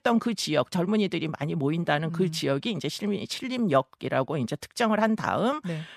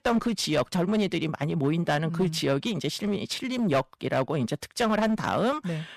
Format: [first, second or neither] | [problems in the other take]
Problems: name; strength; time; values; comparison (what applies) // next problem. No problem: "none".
first | distortion; slight; 9% of the sound clipped